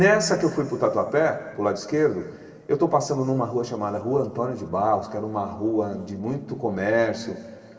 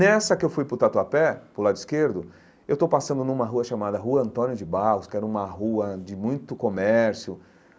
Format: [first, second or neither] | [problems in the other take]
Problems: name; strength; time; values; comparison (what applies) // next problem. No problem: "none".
second | room echo; dies away in 2.3 s